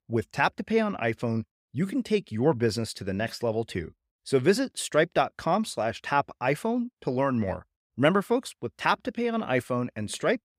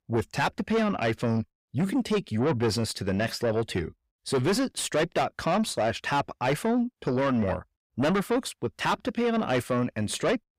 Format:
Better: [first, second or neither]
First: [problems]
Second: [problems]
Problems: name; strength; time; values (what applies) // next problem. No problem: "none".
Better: first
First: none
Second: distortion; heavy; 7 dB below the speech